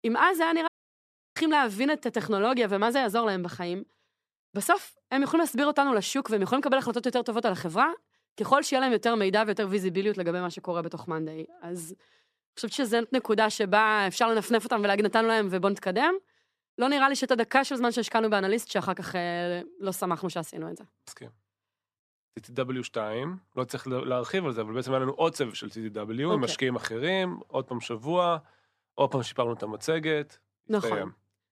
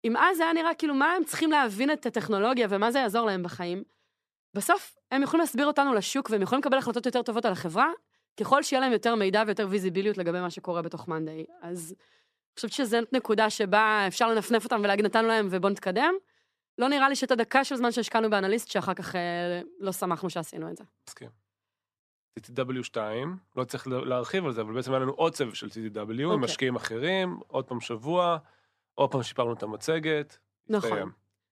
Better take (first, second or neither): second